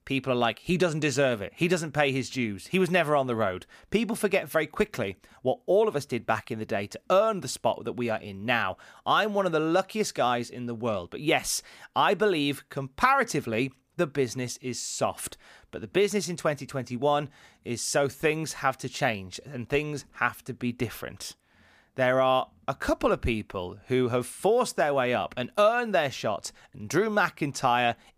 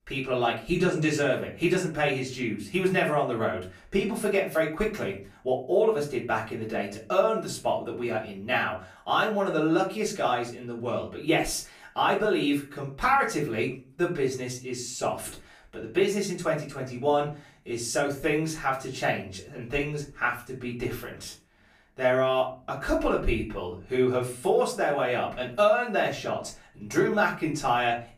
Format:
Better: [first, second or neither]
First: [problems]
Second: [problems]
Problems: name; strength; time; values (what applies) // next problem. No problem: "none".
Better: first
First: none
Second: off-mic speech; far // room echo; slight; dies away in 0.3 s